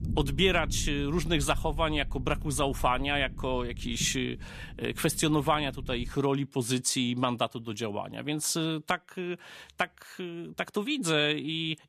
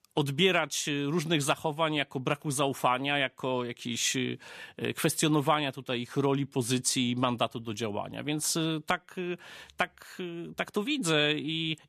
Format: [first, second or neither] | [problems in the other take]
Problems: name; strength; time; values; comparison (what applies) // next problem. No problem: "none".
second | low rumble; faint; until 6 s; 25 dB below the speech